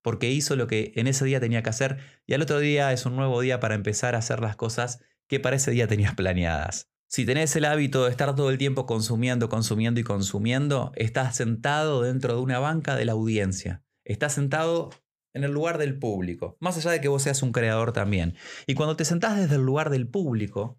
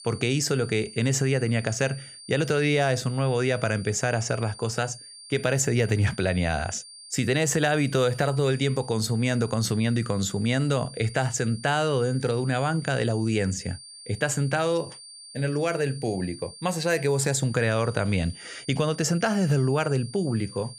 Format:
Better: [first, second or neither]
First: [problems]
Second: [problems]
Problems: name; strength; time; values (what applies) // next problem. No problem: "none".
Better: first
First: none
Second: high-pitched whine; noticeable; throughout; 4.5 kHz, 15 dB below the speech